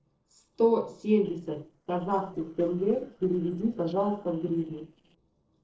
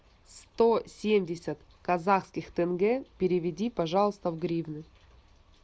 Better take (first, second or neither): second